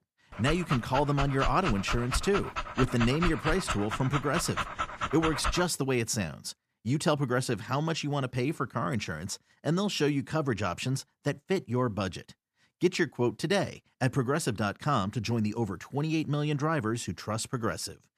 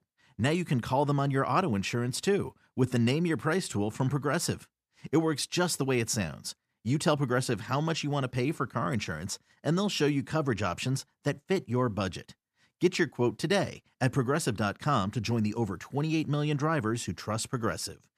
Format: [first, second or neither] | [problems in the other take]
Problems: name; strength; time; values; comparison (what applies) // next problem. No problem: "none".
second | dog barking; noticeable; until 5.5 s; peak 2 dB below the speech